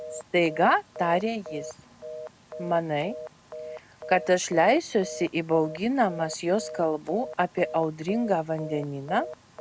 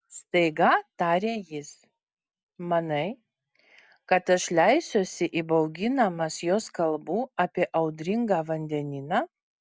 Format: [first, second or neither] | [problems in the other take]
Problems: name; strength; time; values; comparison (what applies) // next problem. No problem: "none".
second | background sound (Telephone); 13 dB below the speech